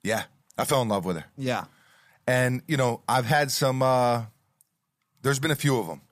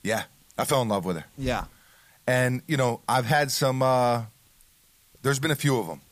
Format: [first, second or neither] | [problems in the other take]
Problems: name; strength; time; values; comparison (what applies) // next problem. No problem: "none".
first | hiss; faint; throughout; 25 dB below the speech